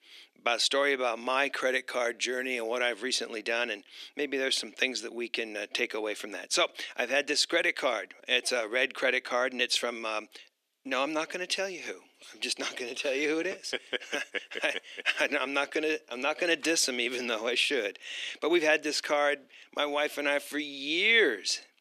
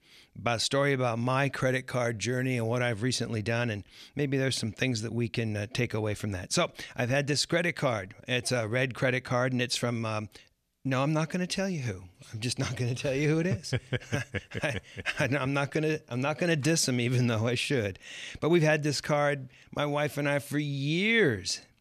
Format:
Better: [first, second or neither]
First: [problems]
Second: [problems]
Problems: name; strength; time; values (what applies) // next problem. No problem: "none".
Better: second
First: thin; somewhat; fading below 300 Hz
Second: none